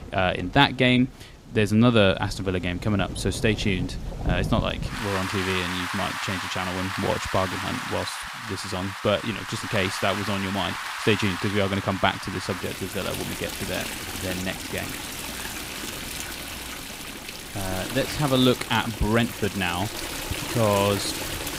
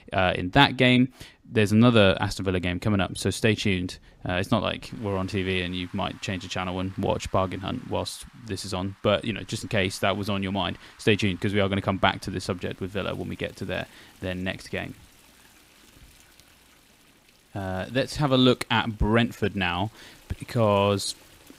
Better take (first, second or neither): second